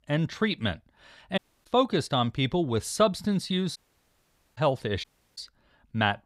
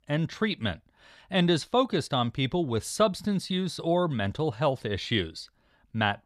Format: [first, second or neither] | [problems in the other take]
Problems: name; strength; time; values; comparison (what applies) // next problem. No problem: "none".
second | audio cutting out; at 1.5 s, at 4 s for 1 s and at 5 s